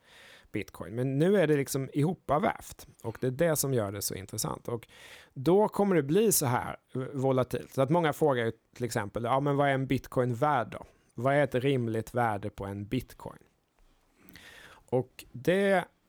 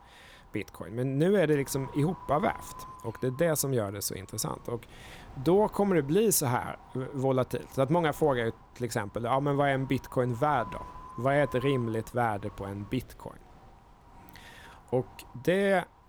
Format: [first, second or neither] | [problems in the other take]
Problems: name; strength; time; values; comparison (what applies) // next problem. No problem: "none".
first | wind noise on the microphone; occasional gusts; 20 dB below the speech